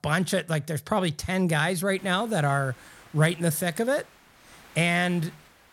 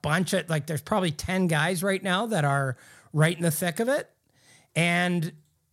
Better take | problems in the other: second | hiss; faint; from 2 s on; 25 dB below the speech

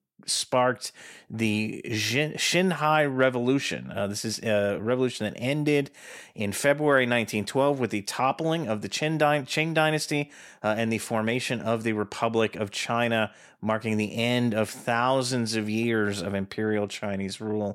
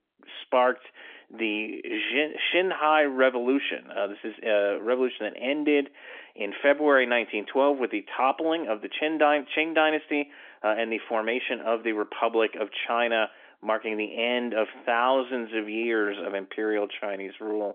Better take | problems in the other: first | phone-call audio; nothing above 3.5 kHz

